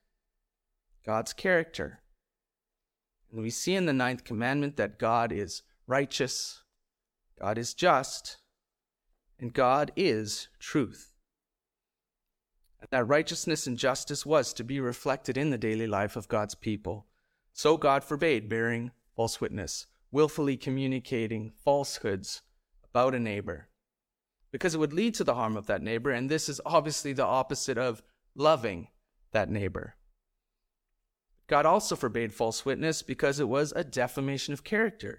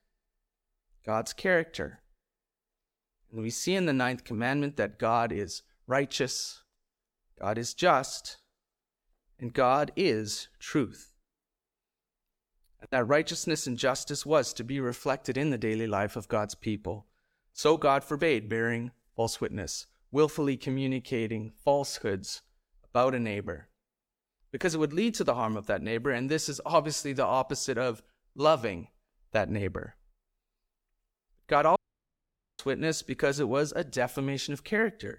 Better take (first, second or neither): first